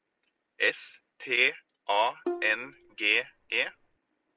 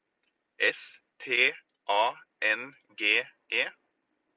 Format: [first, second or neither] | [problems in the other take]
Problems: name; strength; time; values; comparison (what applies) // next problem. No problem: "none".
second | background sound (Bowed string instrument); 10 dB below the speech